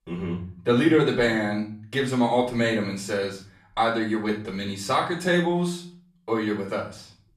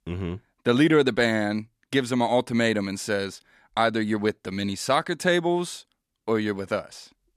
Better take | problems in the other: second | off-mic speech; far // room echo; slight; dies away in 0.5 s

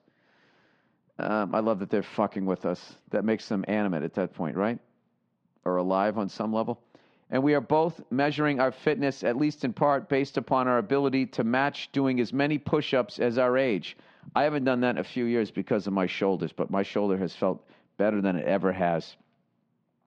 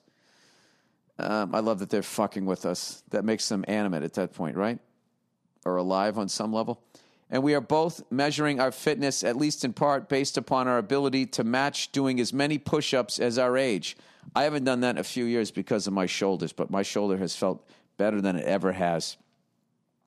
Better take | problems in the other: second | muffled; slightly; fading above 3 kHz

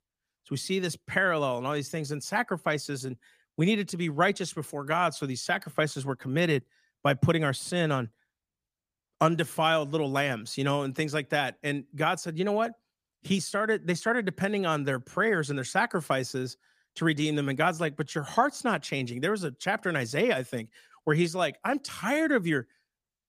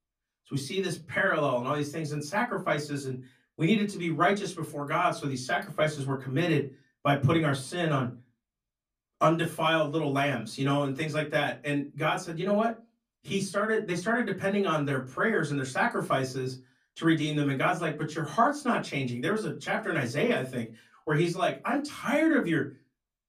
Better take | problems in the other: first | off-mic speech; far // room echo; very slight; dies away in 0.2 s

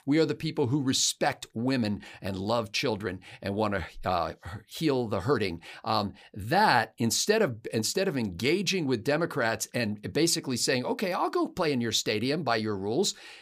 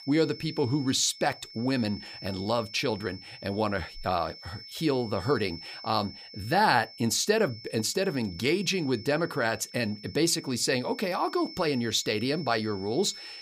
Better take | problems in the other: first | high-pitched whine; noticeable; throughout; 5.5 kHz, 15 dB below the speech

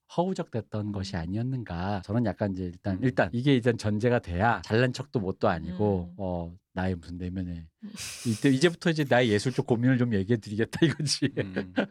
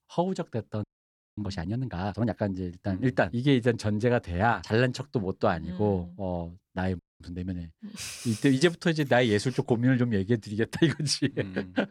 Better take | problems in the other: first | audio freezing; at 1 s for 0.5 s and at 7 s

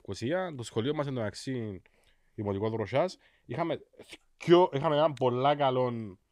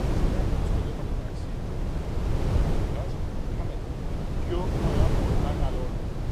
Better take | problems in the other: first | wind noise on the microphone; heavy; 5 dB above the speech

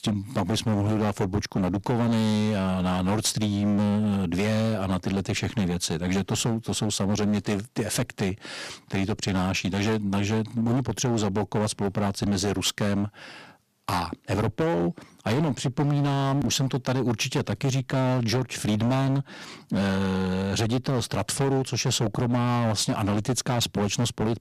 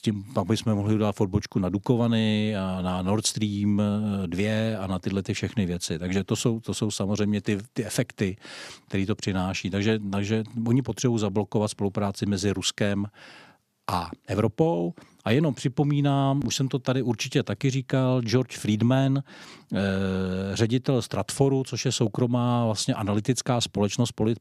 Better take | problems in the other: second | distortion; heavy; 17% of the sound clipped

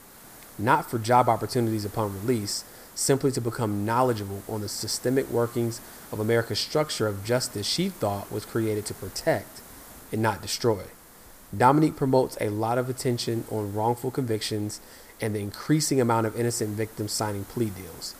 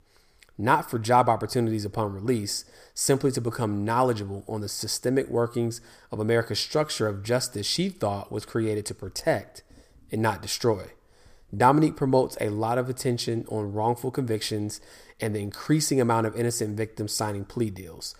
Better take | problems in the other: second | hiss; noticeable; throughout; 20 dB below the speech

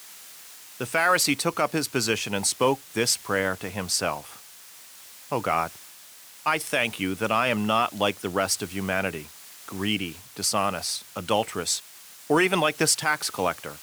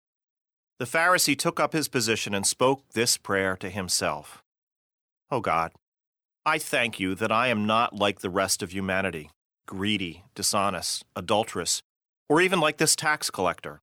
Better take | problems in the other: second | hiss; noticeable; throughout; 20 dB below the speech

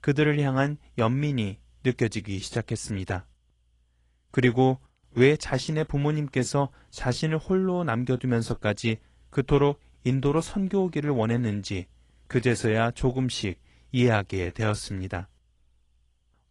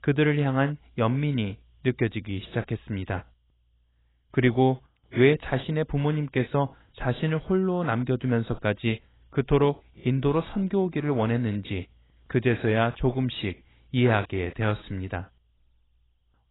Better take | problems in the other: first | garbled, watery; badly; nothing above 4 kHz; slightly in the first

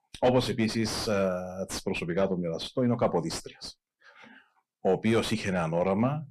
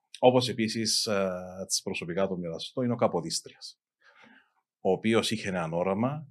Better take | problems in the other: second | distortion; heavy; 5 dB below the speech

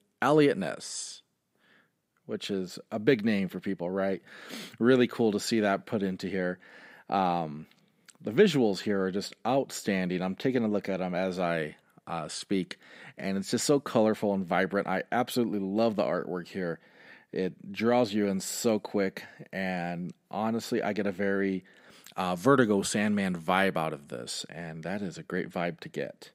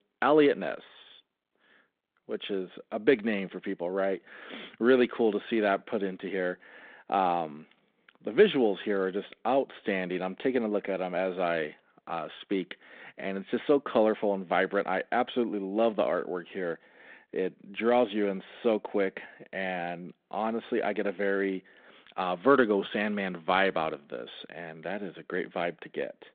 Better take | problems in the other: first | phone-call audio; nothing above 3.5 kHz

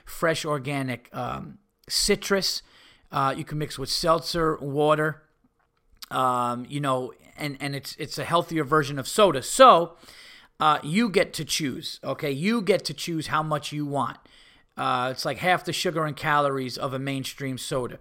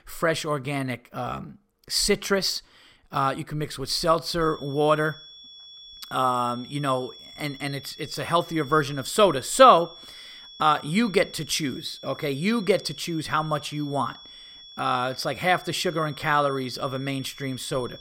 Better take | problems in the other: first | high-pitched whine; noticeable; from 4.5 s on; 3.5 kHz, 20 dB below the speech

